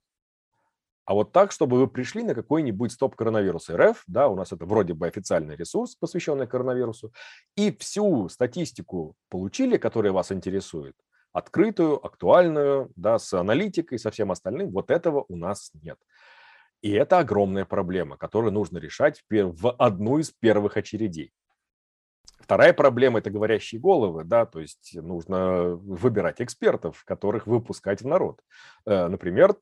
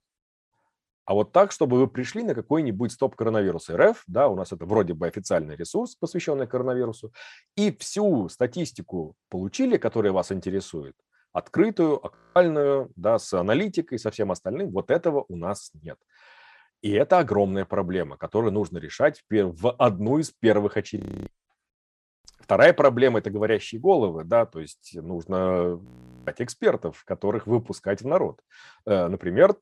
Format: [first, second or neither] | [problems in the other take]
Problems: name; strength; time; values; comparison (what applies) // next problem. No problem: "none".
first | audio freezing; at 12 s, at 21 s and at 26 s